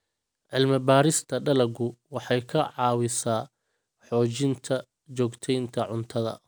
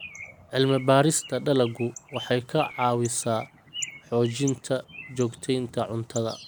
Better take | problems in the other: first | background sound (Bird); 16 dB below the speech

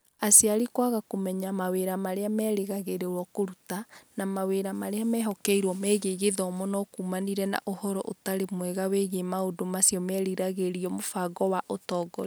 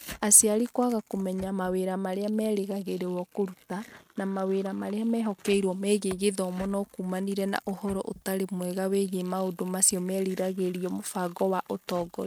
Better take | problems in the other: first | noise reduction (neural mask model RNNoise)

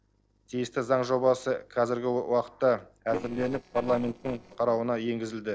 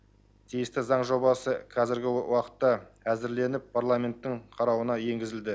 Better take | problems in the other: second | noise reduction (neural separator model SepFormer DNS4)

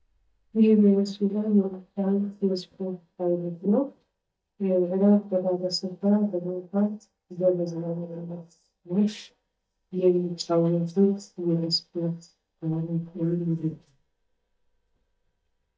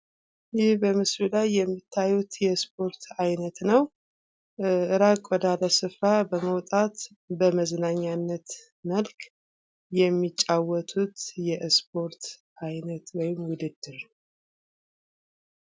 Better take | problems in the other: second | noise reduction (neural mask model DeepFilterNet 3)

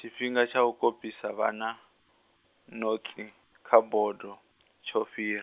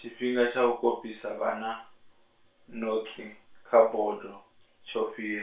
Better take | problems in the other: first | room echo; dies away in 0.2 s

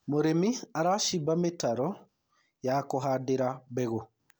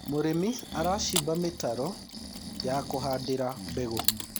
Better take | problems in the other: first | background sound (Mechanisms + Breathing); 5 dB below the speech

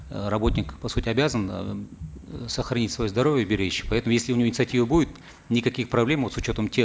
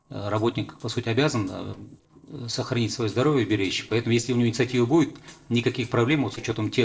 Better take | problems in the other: first | noise reduction (neural separator model SepFormer DNS4)

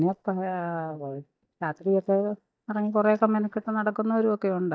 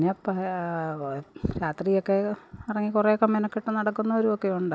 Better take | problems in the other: second | noise reduction (neural mask model DeepFilterNet 3)

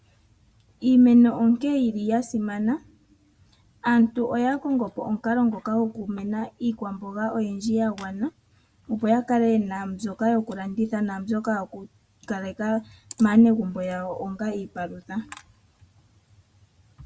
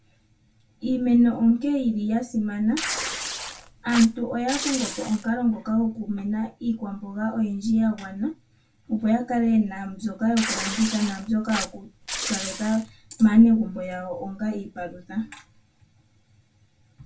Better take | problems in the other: first | background sound (Tearing); 8 dB below the speech // room echo; dies away in 0.2 s

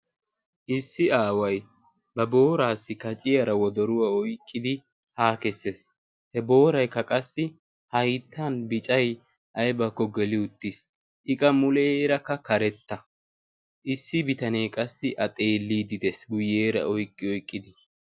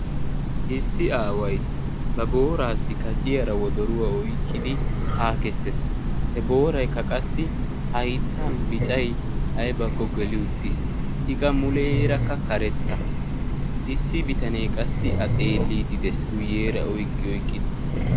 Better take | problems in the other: first | background sound (Train); 5 dB above the speech

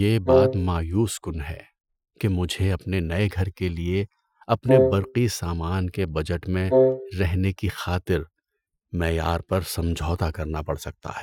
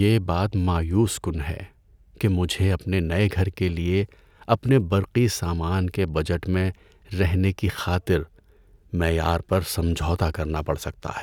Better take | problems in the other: second | noise reduction (classical method Wiener filter)

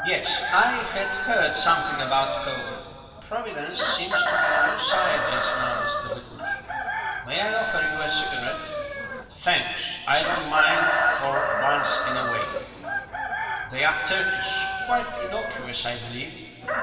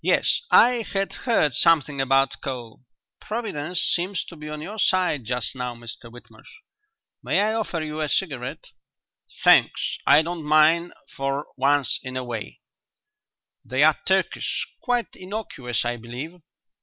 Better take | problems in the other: second | background sound (Chicken, rooster); as loud as the speech // room echo; dies away in 2.6 s

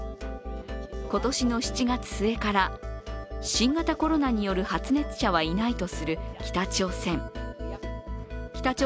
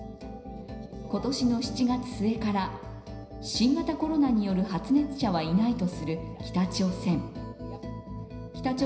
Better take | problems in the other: first | room echo; dies away in 0.9 s

